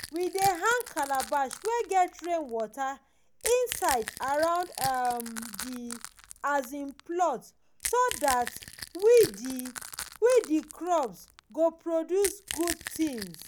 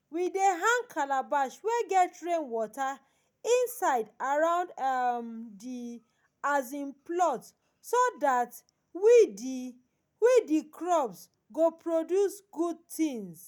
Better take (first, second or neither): second